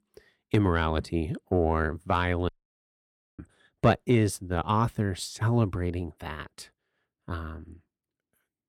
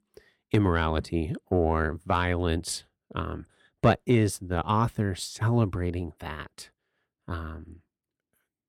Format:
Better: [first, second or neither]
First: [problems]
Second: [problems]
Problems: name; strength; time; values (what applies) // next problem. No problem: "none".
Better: second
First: audio cutting out; at 2.5 s for 1 s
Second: none